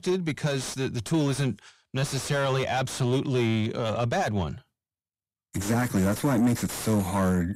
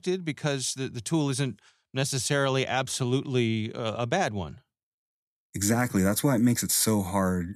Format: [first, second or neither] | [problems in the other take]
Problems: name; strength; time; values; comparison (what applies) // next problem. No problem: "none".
second | distortion; heavy; 7 dB below the speech